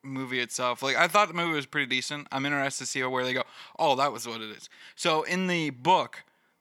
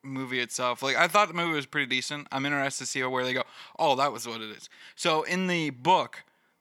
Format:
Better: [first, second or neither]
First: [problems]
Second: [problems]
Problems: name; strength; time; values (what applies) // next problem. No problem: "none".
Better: neither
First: none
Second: none